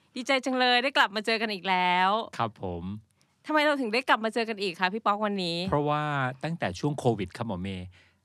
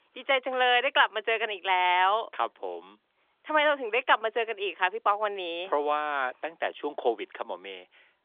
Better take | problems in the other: first | phone-call audio; nothing above 3.5 kHz

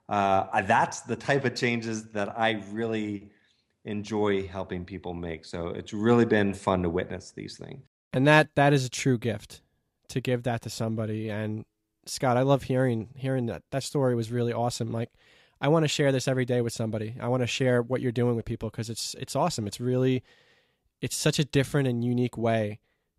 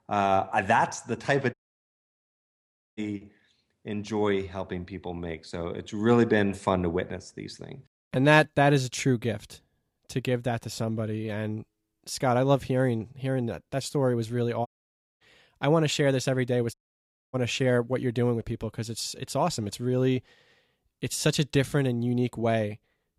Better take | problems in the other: first | audio cutting out; at 1.5 s for 1.5 s, at 15 s for 0.5 s and at 17 s for 0.5 s

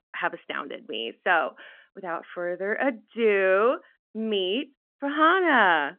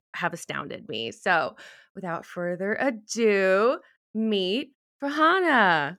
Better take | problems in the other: second | phone-call audio; nothing above 3.5 kHz

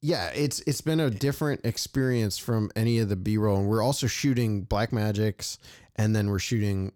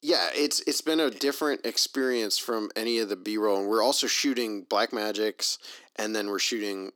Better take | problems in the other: first | thin; somewhat; fading below 300 Hz

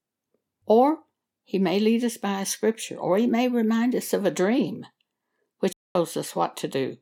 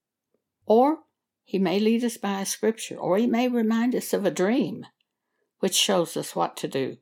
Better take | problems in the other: second | audio cutting out; at 5.5 s

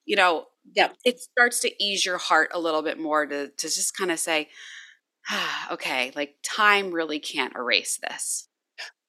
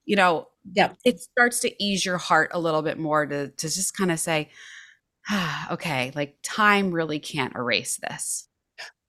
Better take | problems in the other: second | thin; somewhat; fading below 300 Hz

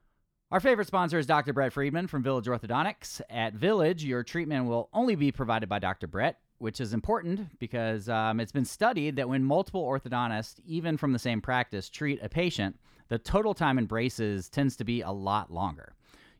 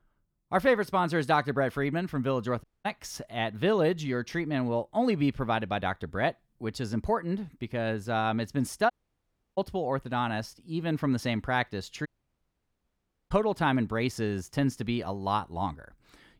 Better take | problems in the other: first | audio cutting out; at 2.5 s, at 9 s for 0.5 s and at 12 s for 1 s

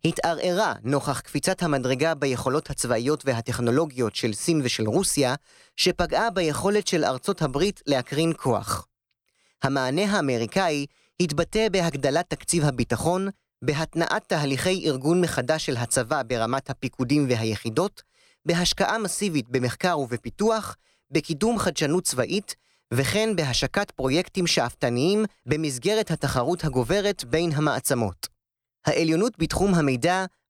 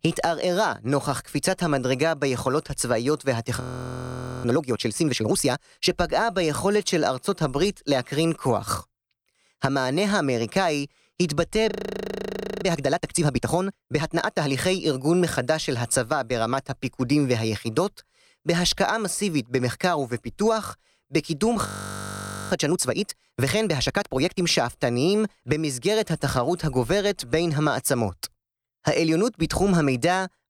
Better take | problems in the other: first | audio freezing; at 3.5 s for 1 s, at 12 s for 1 s and at 22 s for 1 s

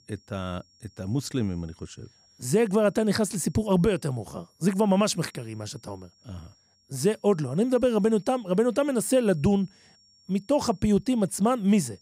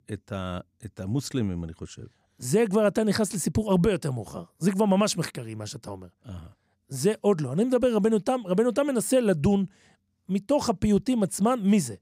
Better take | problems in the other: second | high-pitched whine; faint; throughout; 5.5 kHz, 35 dB below the speech

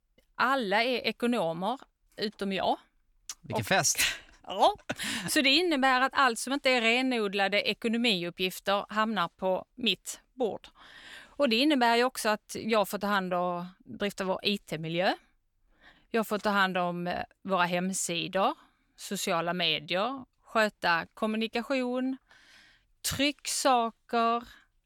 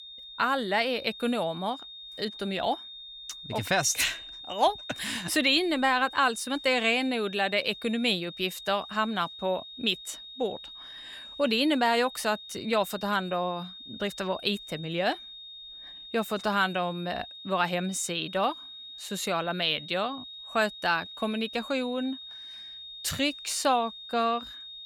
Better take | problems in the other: first | high-pitched whine; noticeable; throughout; 3.5 kHz, 15 dB below the speech

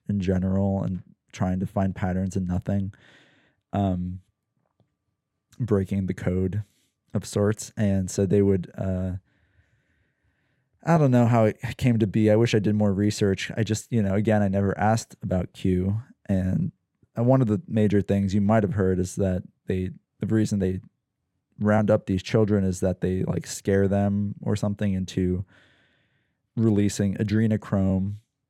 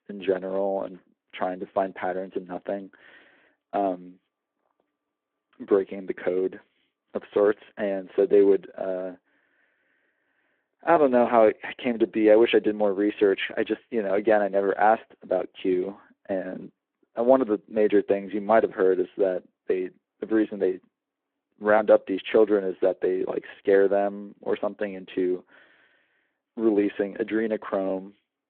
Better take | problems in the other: first | phone-call audio

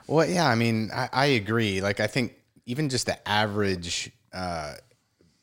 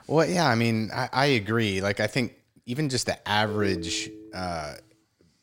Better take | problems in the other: first | phone ringing; noticeable; from 3.5 to 4.5 s; peak 8 dB below the speech

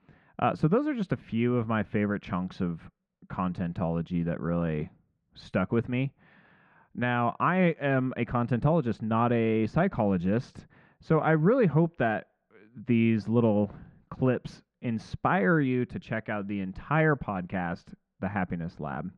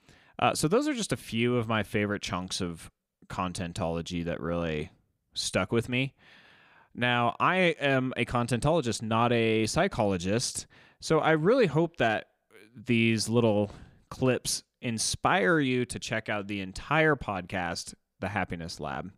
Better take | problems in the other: second | muffled; very; fading above 1.5 kHz

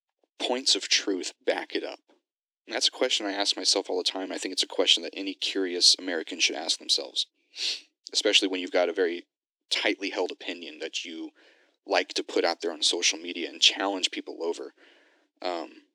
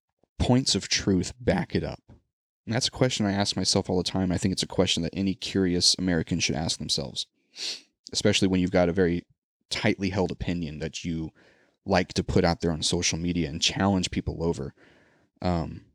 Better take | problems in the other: second | thin; somewhat; fading below 300 Hz

